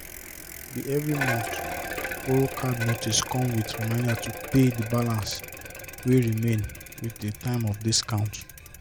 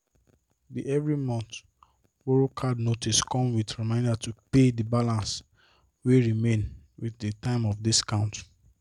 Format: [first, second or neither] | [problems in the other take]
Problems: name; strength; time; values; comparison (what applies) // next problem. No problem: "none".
second | background sound (Bicycle); 9 dB below the speech